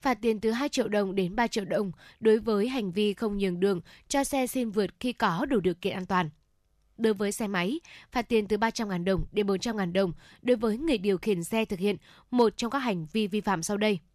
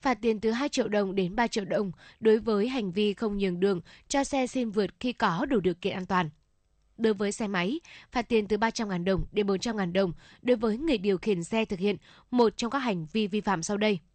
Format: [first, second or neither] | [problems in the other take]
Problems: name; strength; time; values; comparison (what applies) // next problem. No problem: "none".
first | garbled, watery; slightly; nothing above 8.5 kHz